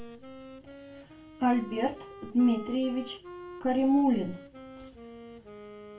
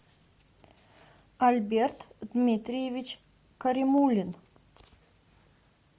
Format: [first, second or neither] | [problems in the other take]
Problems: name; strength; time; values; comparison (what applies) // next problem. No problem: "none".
second | background sound (Wind instrument, woodwind instrument); 16 dB below the speech // room echo; dies away in 0.2 s